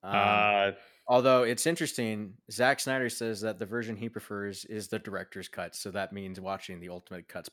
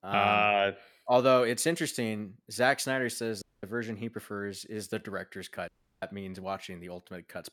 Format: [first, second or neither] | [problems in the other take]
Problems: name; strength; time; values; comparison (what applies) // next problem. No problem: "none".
first | audio cutting out; at 3.5 s and at 5.5 s